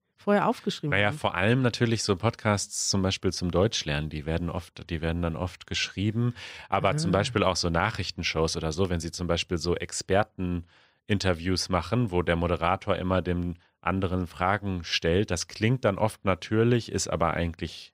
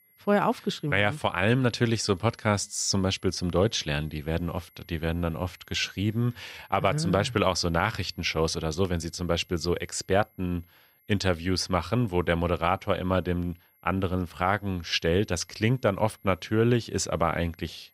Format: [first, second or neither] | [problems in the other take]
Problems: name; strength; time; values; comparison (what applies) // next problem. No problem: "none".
first | high-pitched whine; faint; throughout; 11.5 kHz, 30 dB below the speech